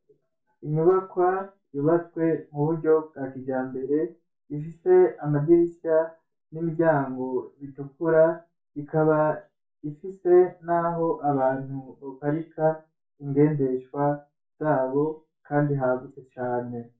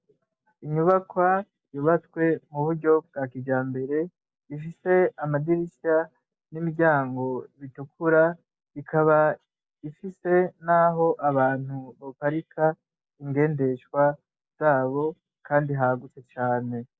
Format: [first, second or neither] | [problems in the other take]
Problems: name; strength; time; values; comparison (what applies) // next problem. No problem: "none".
second | room echo; dies away in 0.3 s